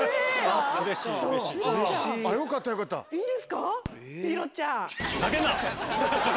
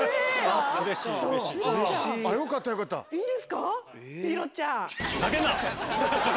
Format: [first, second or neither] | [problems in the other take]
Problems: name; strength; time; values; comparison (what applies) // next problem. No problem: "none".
second | background sound (Fireworks); 19 dB below the speech